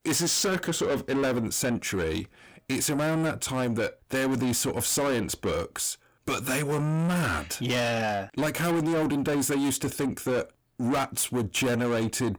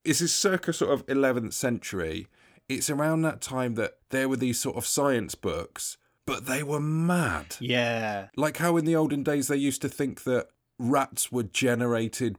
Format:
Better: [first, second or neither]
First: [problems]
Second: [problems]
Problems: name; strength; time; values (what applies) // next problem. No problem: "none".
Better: second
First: distortion; heavy; 7 dB below the speech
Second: none